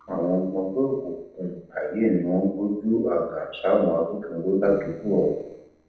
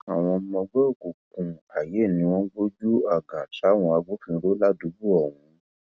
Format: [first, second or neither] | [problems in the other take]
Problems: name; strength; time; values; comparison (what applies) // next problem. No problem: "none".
second | noise reduction (neural separator model SepFormer DNS4)